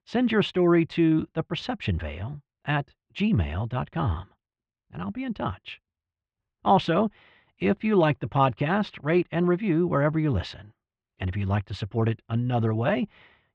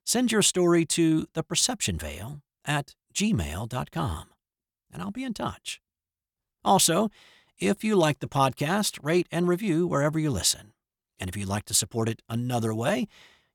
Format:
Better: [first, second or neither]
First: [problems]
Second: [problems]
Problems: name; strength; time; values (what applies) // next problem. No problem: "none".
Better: second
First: muffled; very; fading above 3 kHz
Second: none